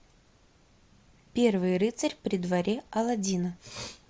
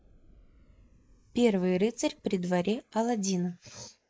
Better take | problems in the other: first | noise reduction (neural mask model Resemble Enhance denoiser)

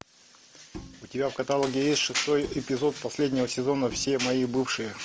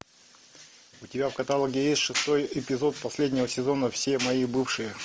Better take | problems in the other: second | background sound (Shatter + Bowed string instrument); 18 dB below the speech

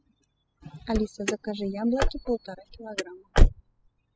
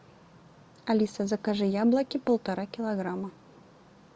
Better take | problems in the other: second | noise reduction (classical method spectral subtraction)

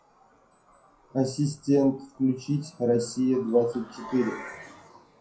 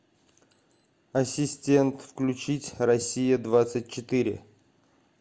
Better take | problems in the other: second | noise reduction (classical method WPE with log-MMSE)

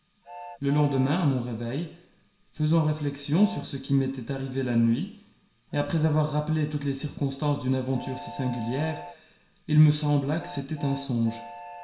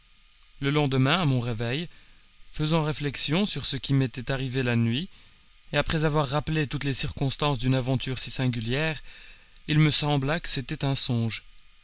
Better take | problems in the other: second | background sound (Train); 18 dB below the speech // room echo; dies away in 0.7 s

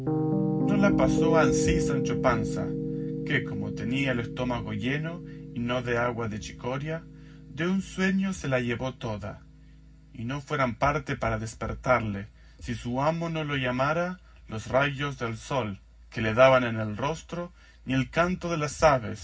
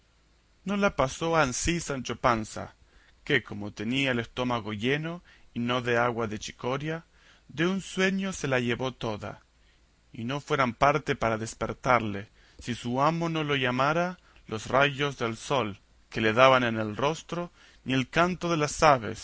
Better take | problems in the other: second | background sound (Piano); 5 dB below the speech // room echo; dies away in 0.4 s

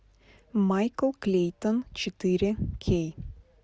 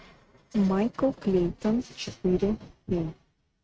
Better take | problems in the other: first | noise reduction (neural mask model RNNoise)

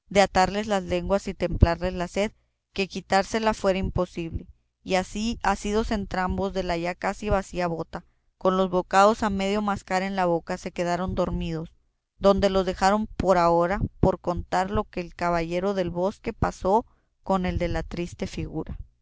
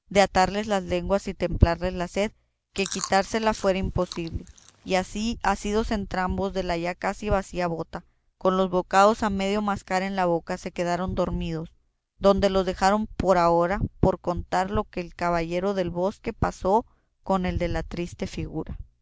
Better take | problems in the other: first | background sound (Chewing, mastication); 16 dB below the speech

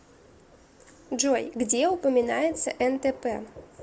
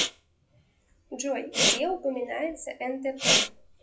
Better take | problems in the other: first | noise reduction (classical method WPE with log-MMSE)

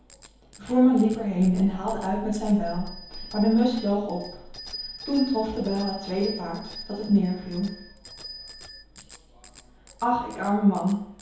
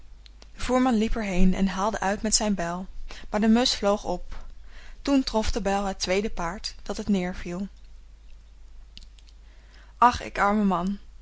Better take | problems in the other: second | background sound (Bicycle bell); 18 dB below the speech // room echo; dies away in 2.2 s

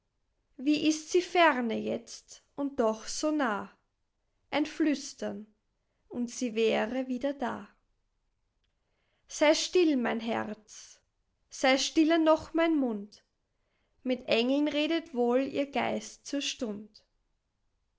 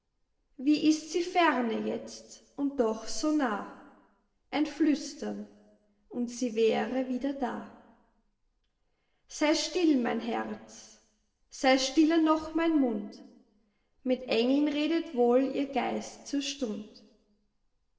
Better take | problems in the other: first | room echo; dies away in 1 s

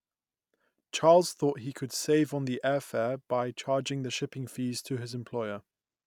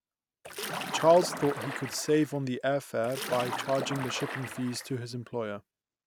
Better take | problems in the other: first | background sound (Splash, splatter); 8 dB below the speech

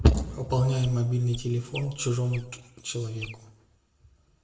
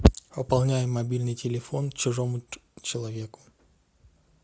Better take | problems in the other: second | background sound (Chirp, tweet); 18 dB below the speech // room echo; dies away in 0.7 s

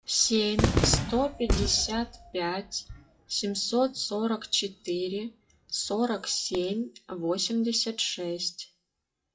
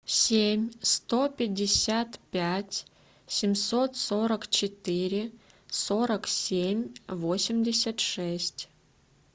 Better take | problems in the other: second | noise reduction (classical method WPE with log-MMSE)

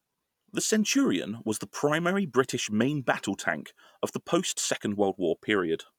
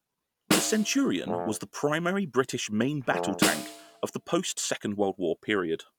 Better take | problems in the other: first | background sound (Brass instrument + Snare drum); 4 dB below the speech

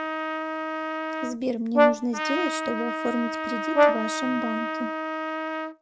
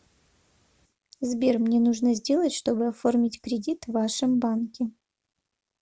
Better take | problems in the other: second | background sound (Trumpet + Brass instrument); 4 dB above the speech

